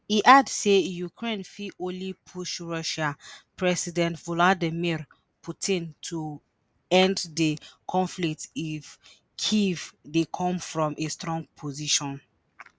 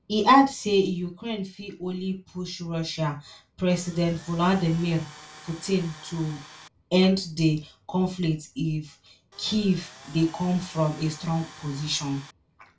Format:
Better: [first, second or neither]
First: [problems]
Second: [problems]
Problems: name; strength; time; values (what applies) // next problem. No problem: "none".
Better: first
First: none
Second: background sound (Tools); 20 dB below the speech // room echo; dies away in 0.2 s